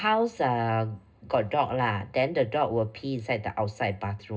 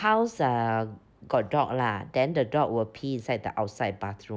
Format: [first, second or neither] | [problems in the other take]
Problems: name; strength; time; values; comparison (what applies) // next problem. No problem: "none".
second | room echo; dies away in 0.2 s